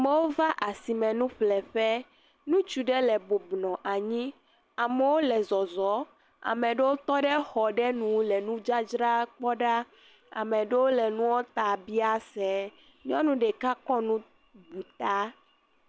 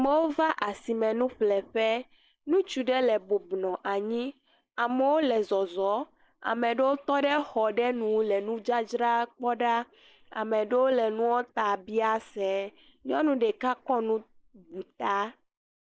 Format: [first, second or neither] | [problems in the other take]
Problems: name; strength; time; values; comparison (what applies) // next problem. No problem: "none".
first | noise reduction (neural mask model Resemble Enhance denoiser)